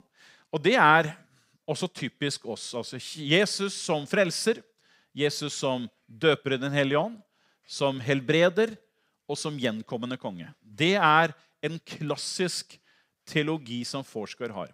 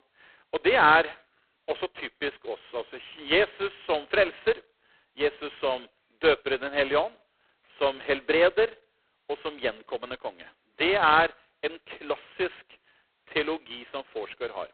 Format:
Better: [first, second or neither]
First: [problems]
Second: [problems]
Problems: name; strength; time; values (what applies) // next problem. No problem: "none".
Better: first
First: none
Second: phone-call audio; poor line; nothing above 4 kHz